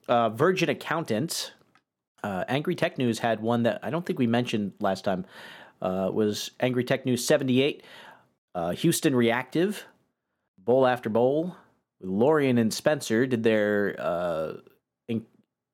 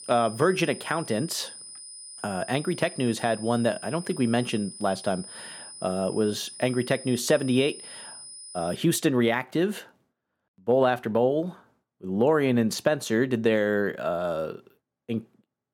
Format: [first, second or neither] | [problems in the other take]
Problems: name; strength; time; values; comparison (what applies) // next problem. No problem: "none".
first | high-pitched whine; noticeable; until 9 s; 9.5 kHz, 15 dB below the speech